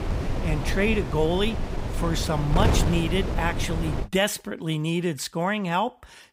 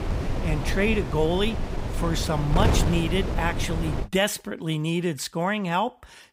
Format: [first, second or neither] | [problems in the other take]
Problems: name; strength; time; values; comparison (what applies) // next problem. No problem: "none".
neither | wind noise on the microphone; heavy; until 4 s; 7 dB below the speech; the same in both